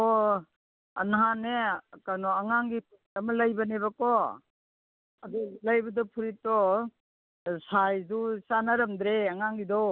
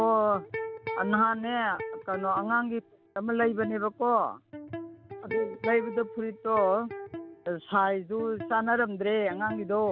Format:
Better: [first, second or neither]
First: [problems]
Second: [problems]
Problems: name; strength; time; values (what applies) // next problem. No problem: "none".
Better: first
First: none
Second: background sound (Electric guitar); 12 dB below the speech